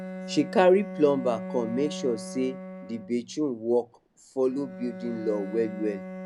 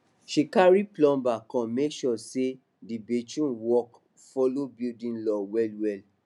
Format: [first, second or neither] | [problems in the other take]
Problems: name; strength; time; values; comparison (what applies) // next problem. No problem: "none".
second | background sound (Bowed string instrument); 11 dB below the speech